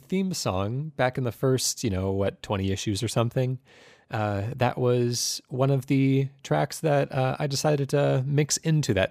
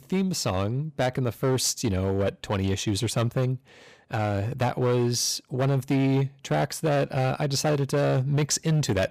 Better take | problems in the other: first | distortion; slight; 11% of the sound clipped

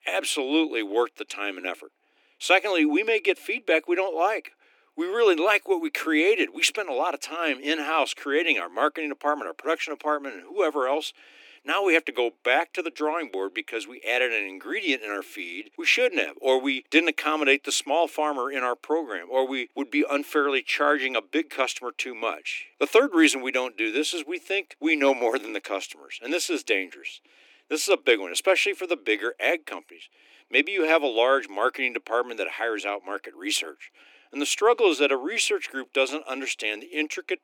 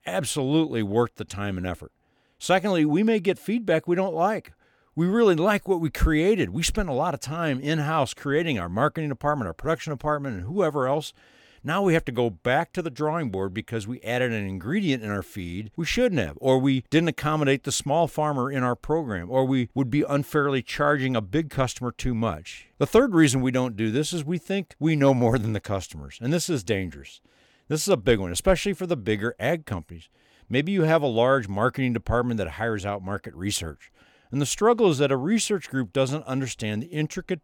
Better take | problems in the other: second | thin; somewhat; fading below 300 Hz

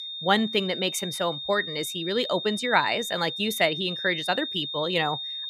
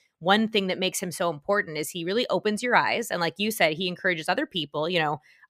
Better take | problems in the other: second | high-pitched whine; loud; throughout; 3.5 kHz, 6 dB below the speech

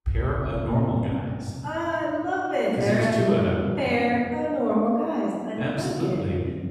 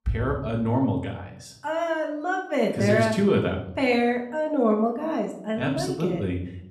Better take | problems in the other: second | room echo; strong; dies away in 1.8 s; slight in the second // off-mic speech; far; somewhat distant in the second

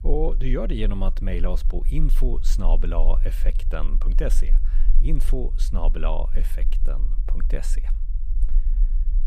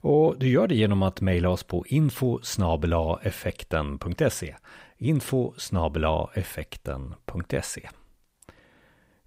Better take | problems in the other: second | low rumble; noticeable; throughout; 20 dB below the speech

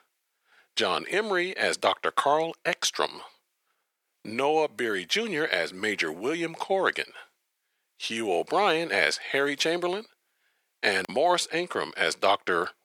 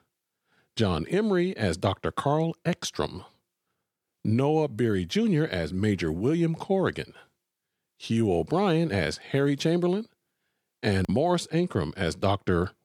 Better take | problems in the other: second | thin; very; fading below 600 Hz

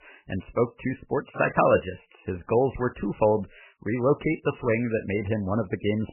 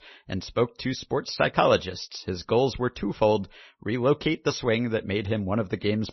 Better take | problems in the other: second | garbled, watery; badly; nothing above 3 kHz; slightly in the second

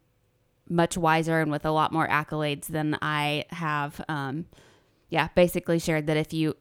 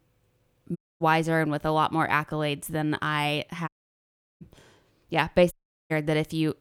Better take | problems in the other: first | audio cutting out; at 1 s, at 3.5 s for 0.5 s and at 5.5 s

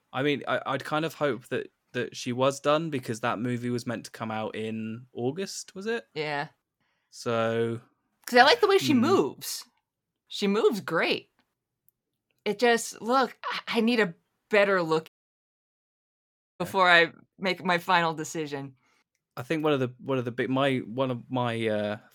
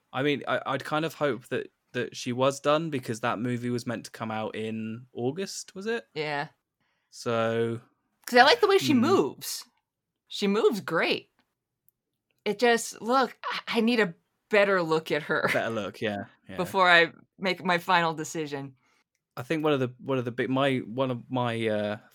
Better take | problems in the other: second | audio cutting out; at 15 s for 1.5 s

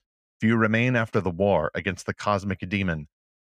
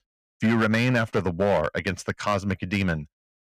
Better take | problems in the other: first | distortion; slight; 5% of the sound clipped

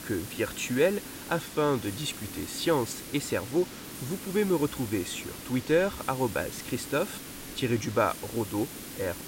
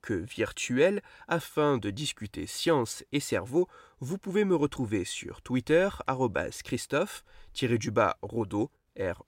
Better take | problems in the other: second | hiss; loud; throughout; 10 dB below the speech

